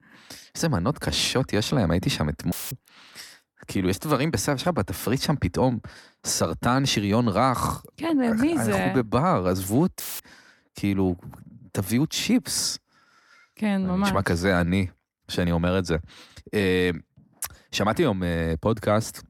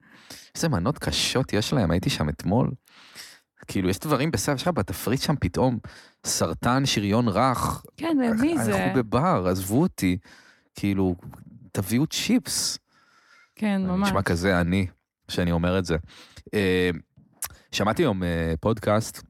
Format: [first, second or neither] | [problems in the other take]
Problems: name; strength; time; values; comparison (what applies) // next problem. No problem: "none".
second | audio cutting out; filled with static; at 2.5 s and at 10 s